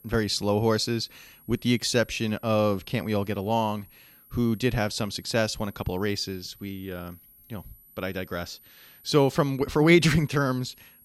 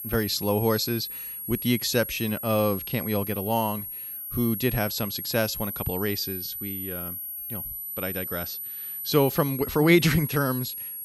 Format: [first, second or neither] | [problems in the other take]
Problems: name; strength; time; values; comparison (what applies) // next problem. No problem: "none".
first | high-pitched whine; loud; throughout; 11.5 kHz, 6 dB below the speech; faint in the first